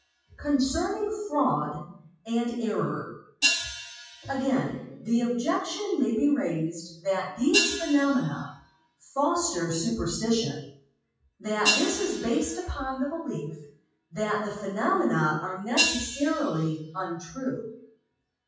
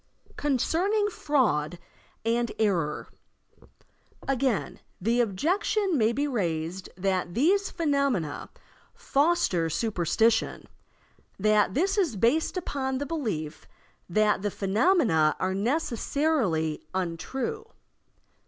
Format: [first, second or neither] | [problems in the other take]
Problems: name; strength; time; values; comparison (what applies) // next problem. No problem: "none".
second | noise reduction (classical method WPE with log-MMSE)